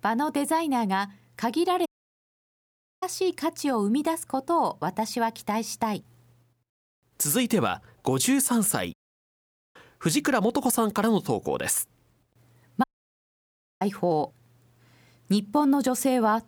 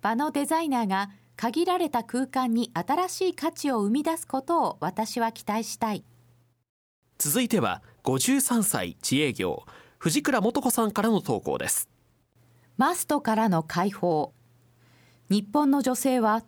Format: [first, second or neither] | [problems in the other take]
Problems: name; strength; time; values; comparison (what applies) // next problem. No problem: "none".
second | audio cutting out; at 2 s for 1 s, at 9 s for 1 s and at 13 s for 1 s